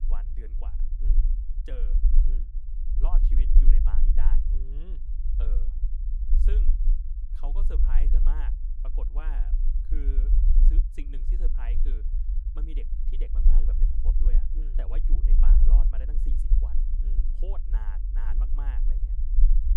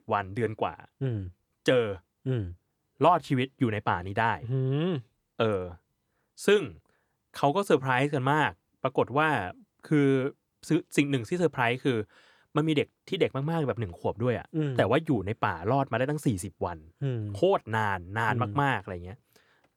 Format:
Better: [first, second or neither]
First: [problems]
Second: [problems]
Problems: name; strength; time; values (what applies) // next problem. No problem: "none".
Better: second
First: low rumble; loud; throughout; 3 dB below the speech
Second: none